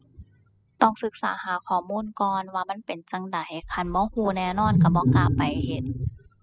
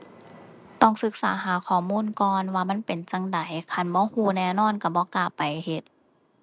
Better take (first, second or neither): second